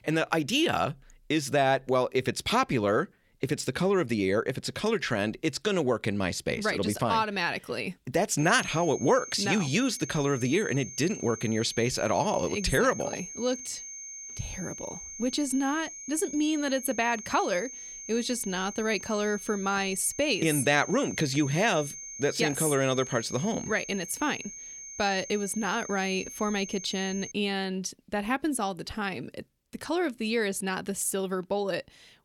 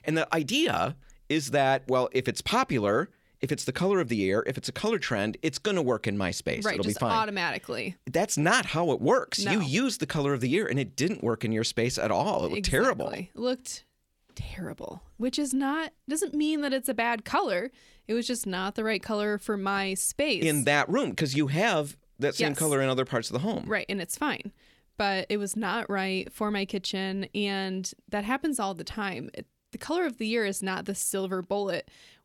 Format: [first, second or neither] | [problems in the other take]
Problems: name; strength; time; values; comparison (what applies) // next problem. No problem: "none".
second | high-pitched whine; noticeable; from 8.5 to 27 s; 6.5 kHz, 10 dB below the speech